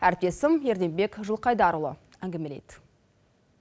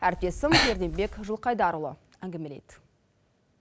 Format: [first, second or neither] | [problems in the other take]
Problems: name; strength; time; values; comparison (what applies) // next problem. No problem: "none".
first | background sound (Breathing); 1 dB above the speech